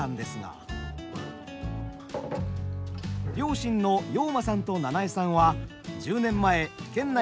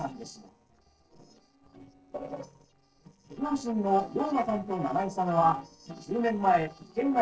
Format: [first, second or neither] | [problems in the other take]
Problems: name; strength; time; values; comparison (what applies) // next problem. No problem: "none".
first | noise reduction (neural separator model SepFormer DNS4)